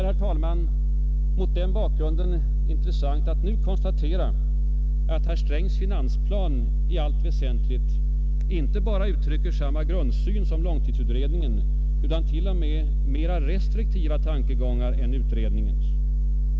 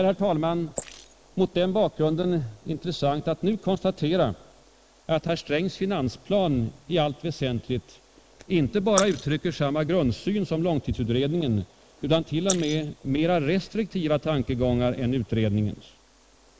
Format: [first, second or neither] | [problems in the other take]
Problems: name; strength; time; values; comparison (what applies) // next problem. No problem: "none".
first | noise reduction (neural mask model Resemble Enhance denoiser)